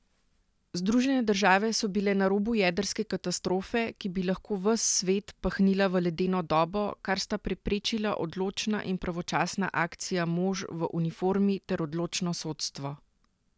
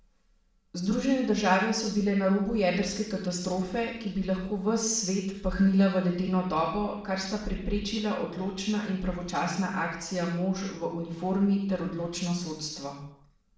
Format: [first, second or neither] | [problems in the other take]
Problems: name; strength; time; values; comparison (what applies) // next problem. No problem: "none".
first | room echo; dies away in 0.6 s